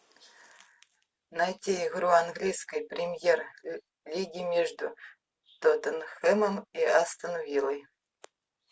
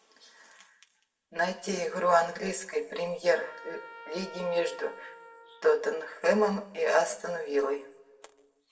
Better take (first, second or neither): first